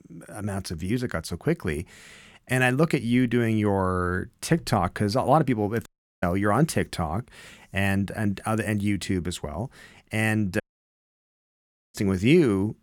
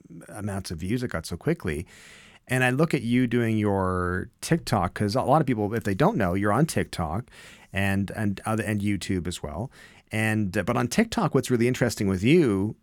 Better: second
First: audio cutting out; at 6 s and at 11 s for 1.5 s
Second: none

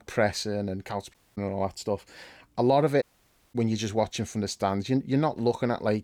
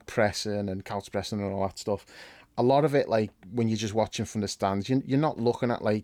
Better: second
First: audio cutting out; at 1 s and at 3 s for 0.5 s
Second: none

